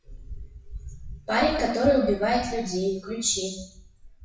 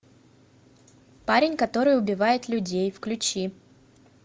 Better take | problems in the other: second | noise reduction (classical method WPE with log-MMSE)

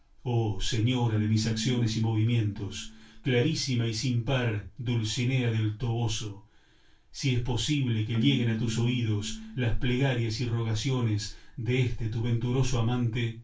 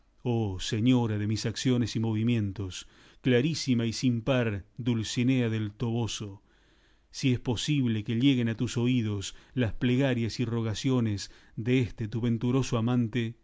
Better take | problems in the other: second | background sound (Keyboard (musical)); 14 dB below the speech // room echo; dies away in 0.2 s

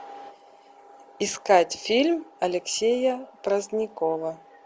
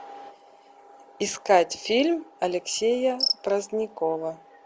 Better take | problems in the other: first | background sound (Cricket); 9 dB below the speech

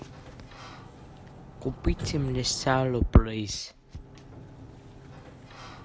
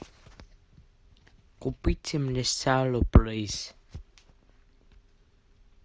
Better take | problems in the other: second | background sound (Sliding door); 14 dB below the speech

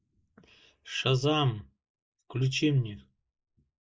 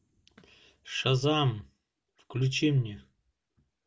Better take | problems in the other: second | noise reduction (neural mask model Resemble Enhance denoiser)

